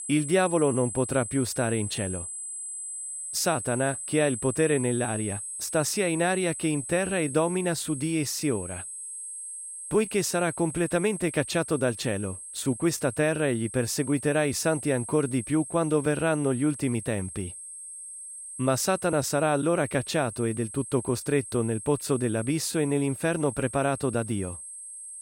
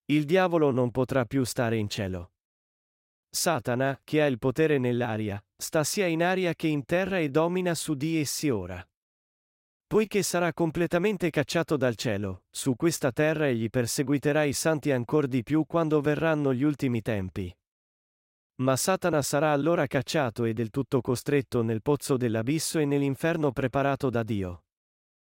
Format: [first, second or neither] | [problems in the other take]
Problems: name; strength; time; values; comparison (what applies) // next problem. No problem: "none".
second | high-pitched whine; loud; throughout; 8.5 kHz, 9 dB below the speech